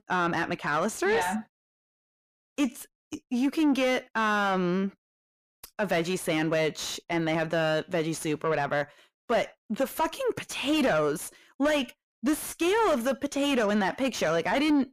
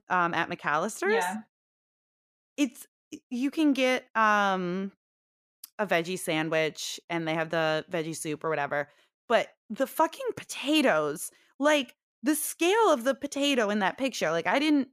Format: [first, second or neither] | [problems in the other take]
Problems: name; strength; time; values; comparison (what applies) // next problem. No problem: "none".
second | distortion; heavy; 8 dB below the speech